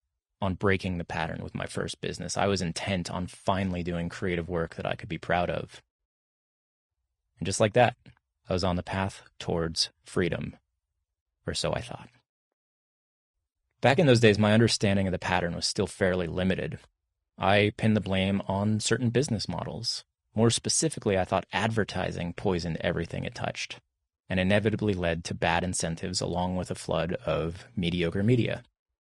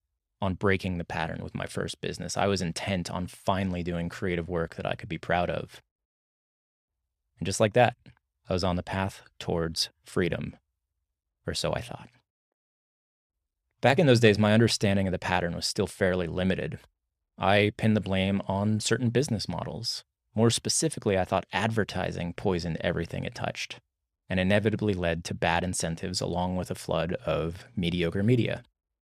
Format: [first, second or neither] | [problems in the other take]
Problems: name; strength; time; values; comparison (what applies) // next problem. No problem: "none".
second | garbled, watery; slightly